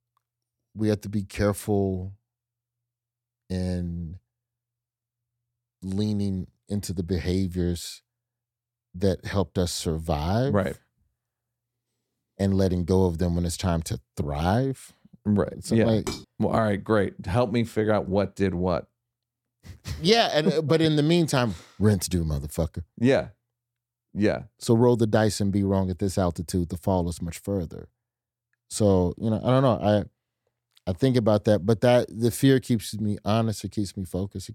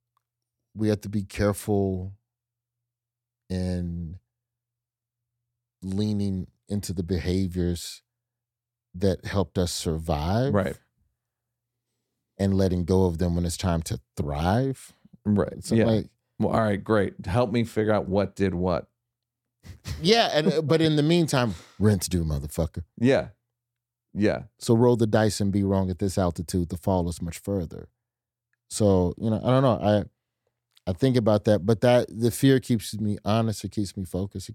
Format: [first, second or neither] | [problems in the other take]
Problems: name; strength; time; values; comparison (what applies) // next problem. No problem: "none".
second | clattering dishes; noticeable; at 16 s; peak 10 dB below the speech